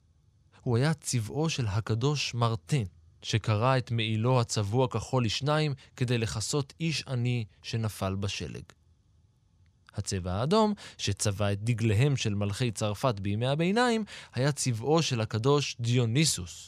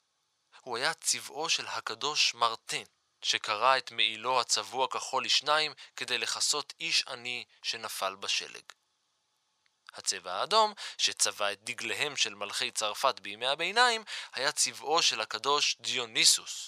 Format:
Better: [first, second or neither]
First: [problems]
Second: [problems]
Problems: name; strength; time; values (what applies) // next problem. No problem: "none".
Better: first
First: none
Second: thin; very; fading below 950 Hz